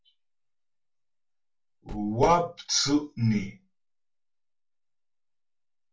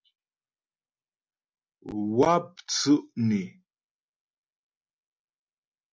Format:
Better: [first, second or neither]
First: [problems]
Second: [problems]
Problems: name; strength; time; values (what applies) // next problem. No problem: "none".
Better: second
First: room echo; dies away in 0.2 s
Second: none